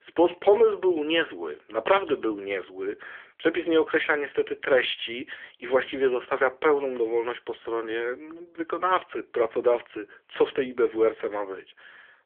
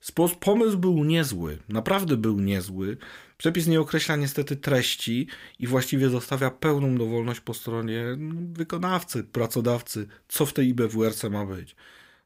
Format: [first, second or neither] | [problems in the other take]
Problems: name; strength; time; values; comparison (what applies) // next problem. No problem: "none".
second | phone-call audio; nothing above 3.5 kHz